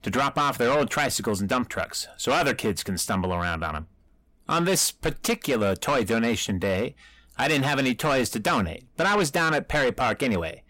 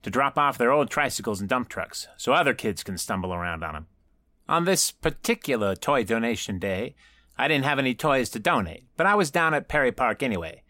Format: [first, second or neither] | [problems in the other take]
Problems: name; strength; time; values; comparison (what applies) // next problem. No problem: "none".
second | distortion; heavy; 8 dB below the speech